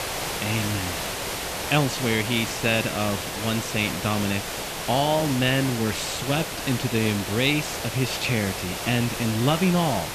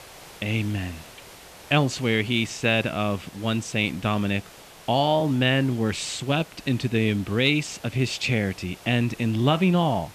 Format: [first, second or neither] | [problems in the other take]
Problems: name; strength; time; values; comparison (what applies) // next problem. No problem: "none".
second | hiss; loud; throughout; 4 dB below the speech; faint in the second